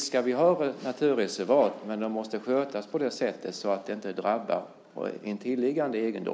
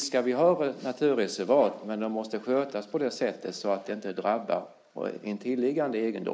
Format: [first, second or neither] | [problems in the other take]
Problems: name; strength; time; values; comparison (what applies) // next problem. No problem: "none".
first | noise reduction (neural mask model Resemble Enhance denoiser)